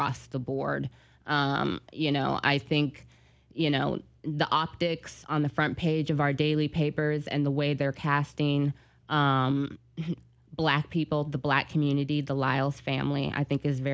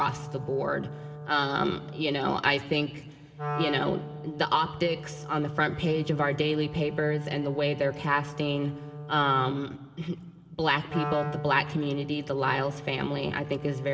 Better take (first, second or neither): first